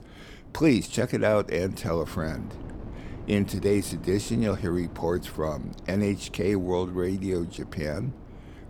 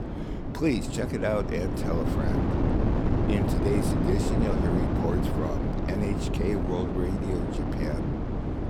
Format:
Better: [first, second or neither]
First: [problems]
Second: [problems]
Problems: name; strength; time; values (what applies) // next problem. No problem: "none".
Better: first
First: wind noise on the microphone; occasional gusts; 20 dB below the speech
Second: wind noise on the microphone; heavy; as loud as the speech